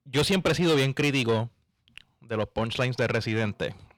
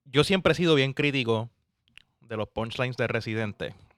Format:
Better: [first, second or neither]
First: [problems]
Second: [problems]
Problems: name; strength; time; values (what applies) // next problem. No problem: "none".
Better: second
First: distortion; heavy; 8 dB below the speech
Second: none